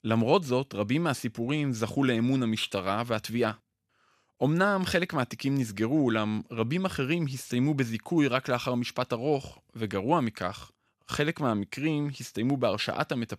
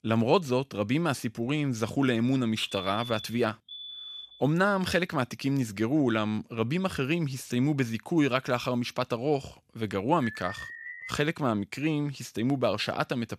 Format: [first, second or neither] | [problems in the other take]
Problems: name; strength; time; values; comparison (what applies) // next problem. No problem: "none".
first | alarm; noticeable; from 2.5 to 4.5 s; peak 9 dB below the speech // alarm; faint; at 10 s; peak 10 dB below the speech